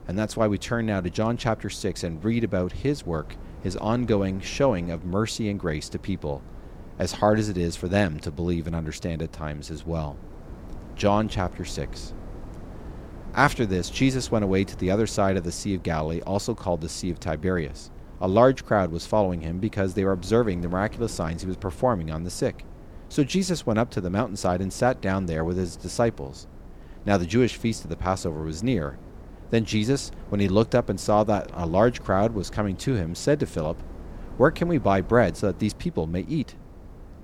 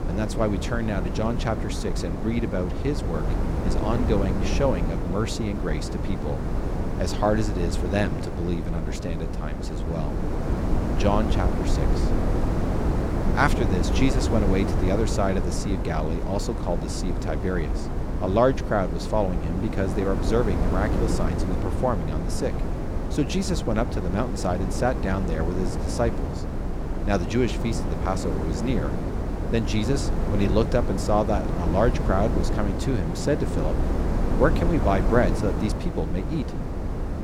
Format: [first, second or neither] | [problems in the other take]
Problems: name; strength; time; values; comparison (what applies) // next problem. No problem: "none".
first | wind noise on the microphone; heavy; 5 dB below the speech; occasional gusts in the first